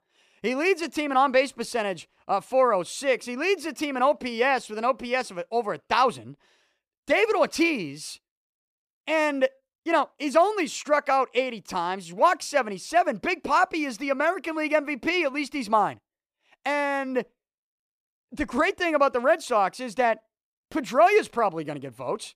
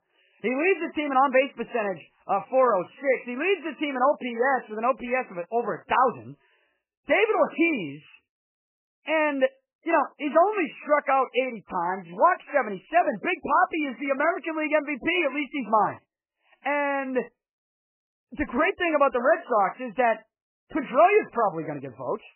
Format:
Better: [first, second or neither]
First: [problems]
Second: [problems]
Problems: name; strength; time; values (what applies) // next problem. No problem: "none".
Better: first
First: none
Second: garbled, watery; badly; nothing above 3 kHz